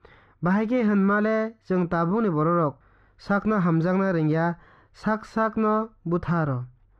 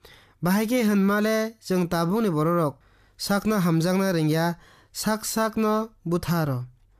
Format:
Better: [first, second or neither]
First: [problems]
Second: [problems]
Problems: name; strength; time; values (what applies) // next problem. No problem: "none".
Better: second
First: muffled; very; fading above 2 kHz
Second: none